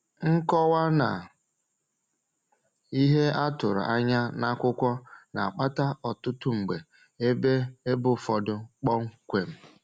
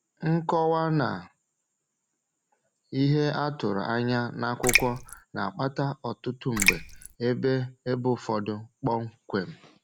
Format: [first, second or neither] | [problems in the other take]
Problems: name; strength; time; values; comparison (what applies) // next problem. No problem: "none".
first | background sound (Raindrop); 2 dB above the speech